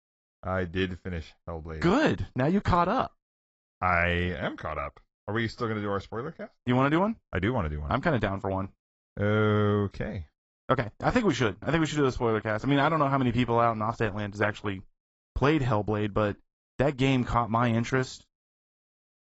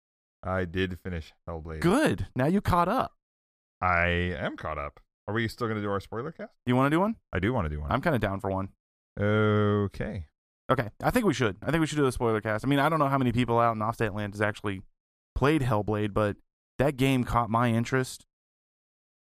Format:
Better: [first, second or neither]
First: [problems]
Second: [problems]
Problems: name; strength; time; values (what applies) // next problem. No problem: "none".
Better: second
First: garbled, watery; badly; nothing above 7.5 kHz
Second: none